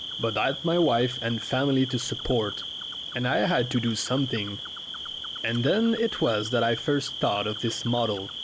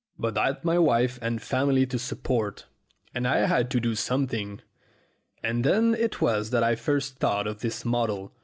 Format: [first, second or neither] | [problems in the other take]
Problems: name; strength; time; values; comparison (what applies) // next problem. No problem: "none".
second | background sound (Cricket); 9 dB below the speech